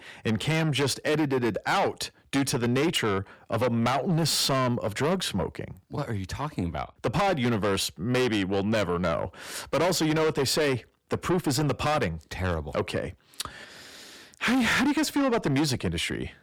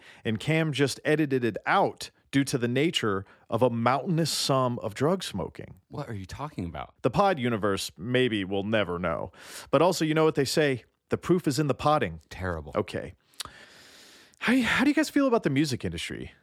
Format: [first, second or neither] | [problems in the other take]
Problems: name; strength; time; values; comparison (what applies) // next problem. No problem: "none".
second | distortion; heavy; 6 dB below the speech